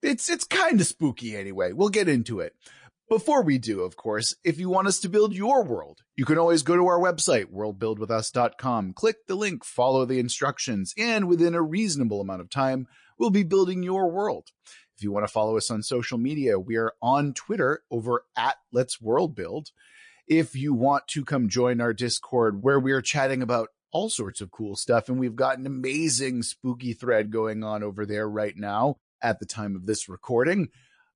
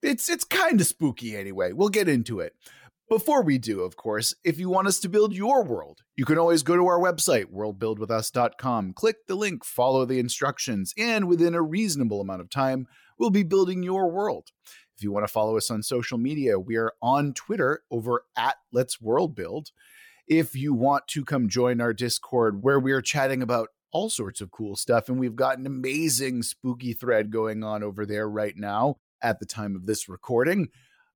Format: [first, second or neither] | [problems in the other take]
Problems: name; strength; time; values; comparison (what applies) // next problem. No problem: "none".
second | garbled, watery; slightly; nothing above 10 kHz